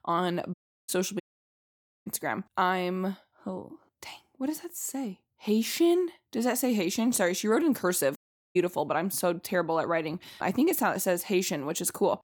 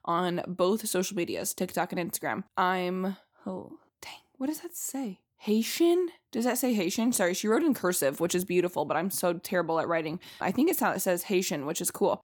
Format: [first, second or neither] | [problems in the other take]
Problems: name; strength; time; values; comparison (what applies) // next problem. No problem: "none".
second | audio cutting out; at 0.5 s, at 1 s for 1 s and at 8 s